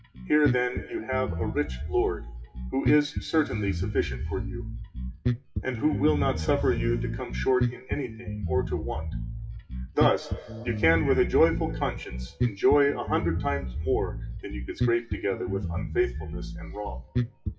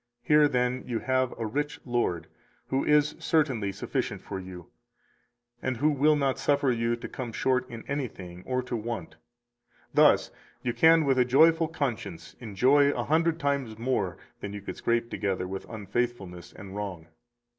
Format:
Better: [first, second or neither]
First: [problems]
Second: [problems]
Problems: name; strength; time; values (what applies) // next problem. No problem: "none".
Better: second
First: noise reduction (classical method WPE with log-MMSE)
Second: none